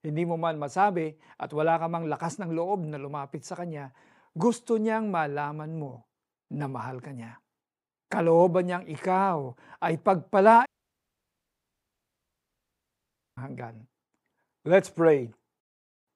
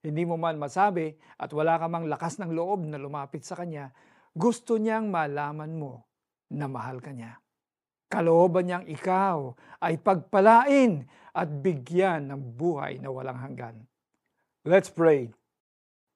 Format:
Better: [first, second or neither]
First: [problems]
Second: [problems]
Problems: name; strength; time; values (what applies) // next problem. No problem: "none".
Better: second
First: audio cutting out; at 11 s for 2.5 s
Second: none